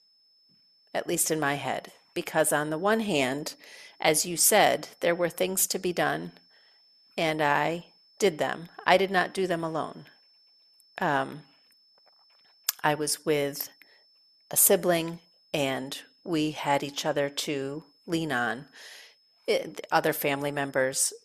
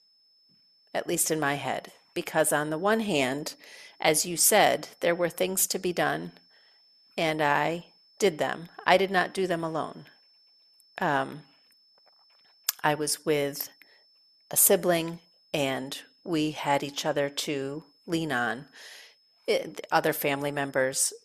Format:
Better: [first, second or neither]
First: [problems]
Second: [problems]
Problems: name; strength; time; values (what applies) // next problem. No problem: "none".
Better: neither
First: high-pitched whine; faint; throughout; 5.5 kHz, 35 dB below the speech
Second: high-pitched whine; faint; throughout; 5.5 kHz, 35 dB below the speech